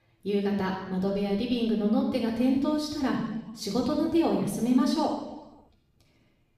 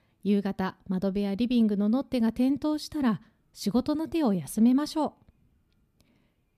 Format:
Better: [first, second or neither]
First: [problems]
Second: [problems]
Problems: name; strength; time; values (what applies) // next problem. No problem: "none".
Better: second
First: room echo; noticeable; dies away in 0.9 s // off-mic speech; far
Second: none